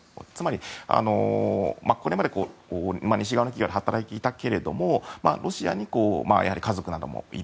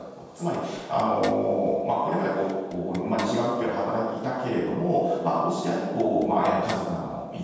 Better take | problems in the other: first | background sound (Zipper (clothing)); 18 dB below the speech // room echo; dies away in 1.2 s

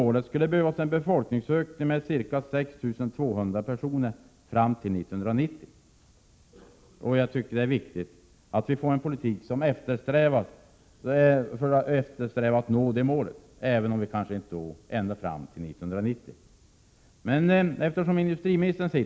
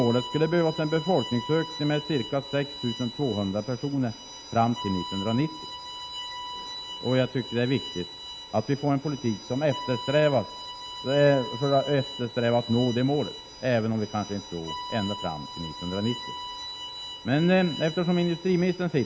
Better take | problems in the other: first | background sound (Bowed string instrument); 12 dB below the speech

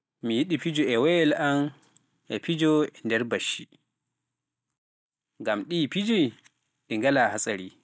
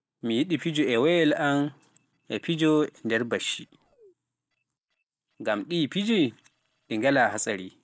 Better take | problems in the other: first | noise reduction (neural separator model SepFormer DNS4)

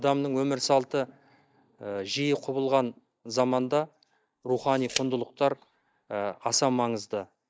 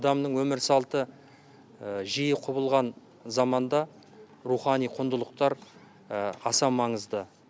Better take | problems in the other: second | noise reduction (neural mask model DeepFilterNet 3)

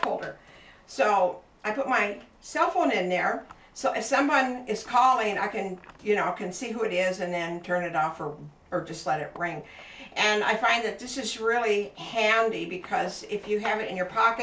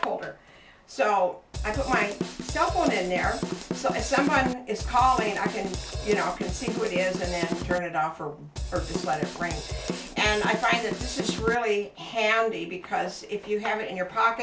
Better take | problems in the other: first | background sound (Drum / Drum kit); 5 dB below the speech

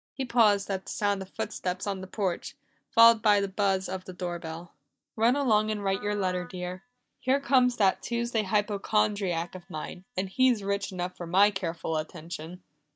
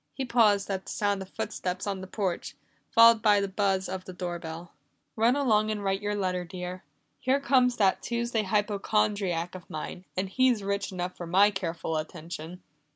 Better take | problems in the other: second | noise reduction (neural mask model DeepFilterNet 3)

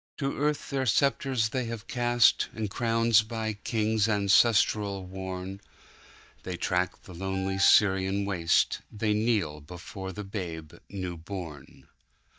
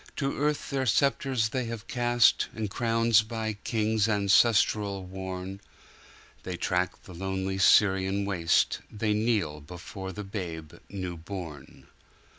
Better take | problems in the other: second | noise reduction (neural mask model DeepFilterNet 3)

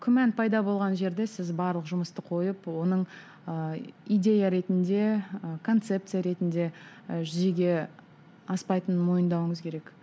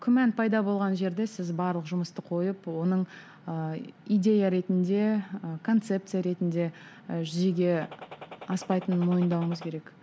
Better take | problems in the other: first | background sound (Gunshot, gunfire); 17 dB below the speech

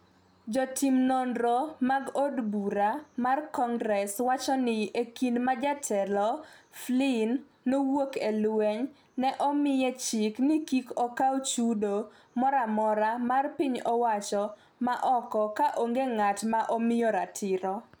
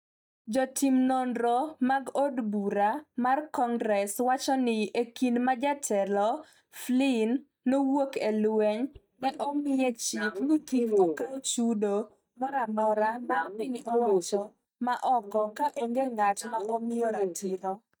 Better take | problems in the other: first | noise reduction (neural mask model DeepFilterNet 3)

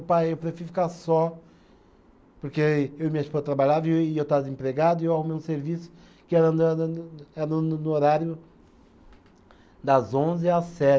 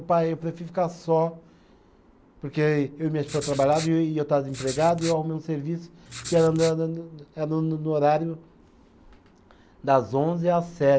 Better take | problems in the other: first | background sound (Writing); 13 dB below the speech

